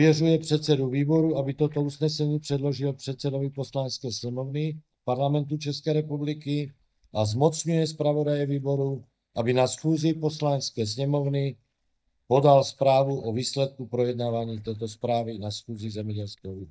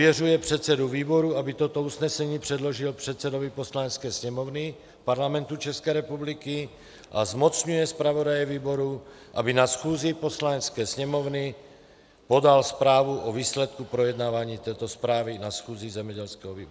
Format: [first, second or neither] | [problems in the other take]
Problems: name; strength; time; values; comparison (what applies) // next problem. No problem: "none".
second | noise reduction (neural mask model DeepFilterNet 3)